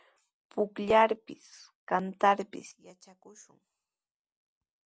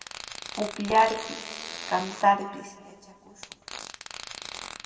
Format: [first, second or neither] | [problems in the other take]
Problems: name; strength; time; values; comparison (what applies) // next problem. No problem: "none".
first | background sound (Fart); 11 dB below the speech // room echo; dies away in 1.9 s